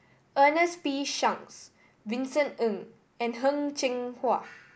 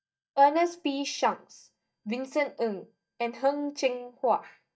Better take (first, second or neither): first